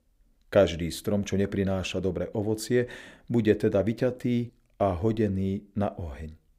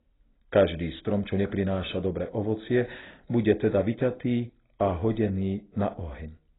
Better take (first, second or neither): first